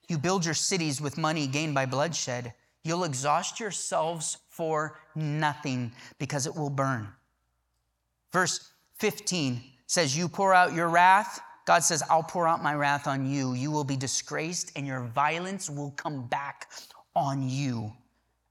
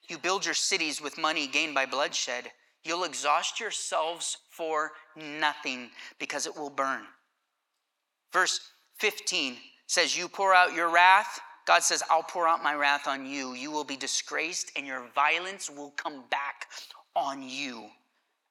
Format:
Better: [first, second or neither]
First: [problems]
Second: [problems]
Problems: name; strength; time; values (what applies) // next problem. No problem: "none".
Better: first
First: none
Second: thin; somewhat; fading below 300 Hz